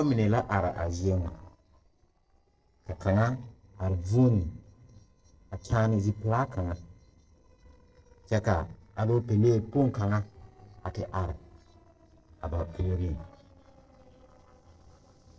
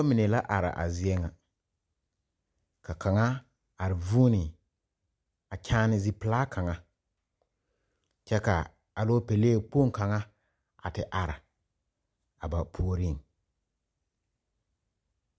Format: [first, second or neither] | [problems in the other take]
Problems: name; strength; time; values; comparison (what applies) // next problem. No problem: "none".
second | noise reduction (neural separator model SepFormer DNS4)